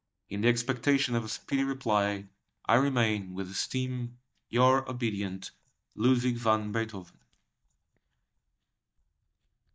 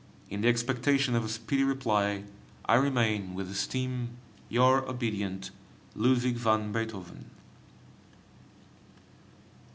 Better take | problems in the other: second | noise reduction (neural mask model DeepFilterNet 3)

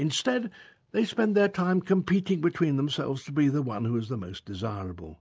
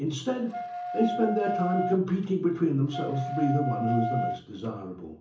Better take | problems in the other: first | background sound (Wind instrument, woodwind instrument); 5 dB below the speech // room echo; dies away in 0.7 s

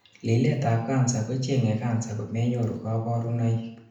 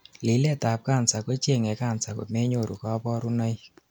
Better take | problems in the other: second | room echo; dies away in 0.7 s

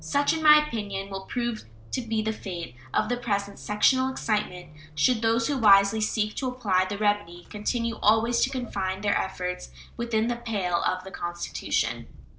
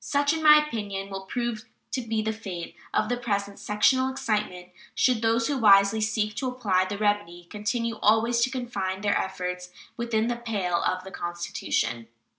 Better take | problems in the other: second | background sound (Squeak / Accelerating, revving, vroom / Vehicle); 19 dB below the speech

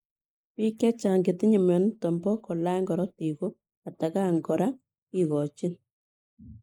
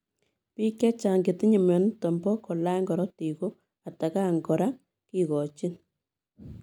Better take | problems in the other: second | noise reduction (neural mask model Resemble Enhance denoiser)

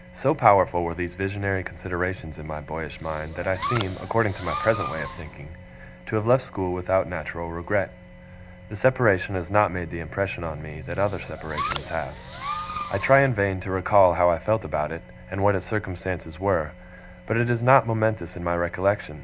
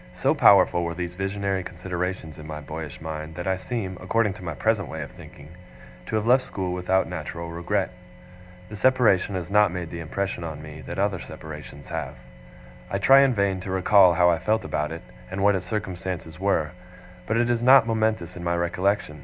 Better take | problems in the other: second | background sound (Fireworks); 10 dB below the speech

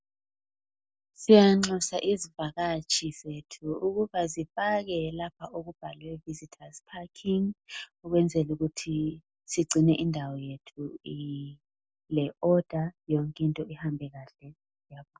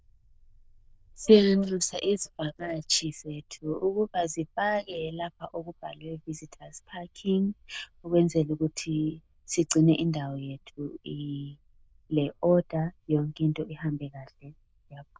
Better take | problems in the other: first | noise reduction (neural diffusion model UNIVERSE++)

